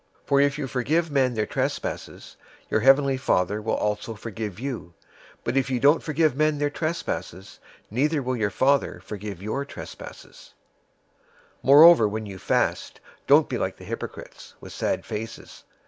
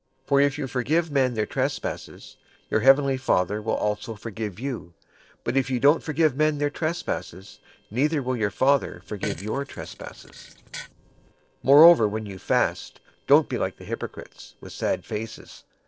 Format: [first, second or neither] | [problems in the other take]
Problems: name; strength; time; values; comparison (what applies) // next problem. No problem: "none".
first | noise reduction (neural separator model SepFormer DNS4)